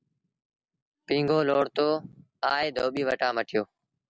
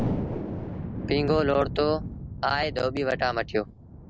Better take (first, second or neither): first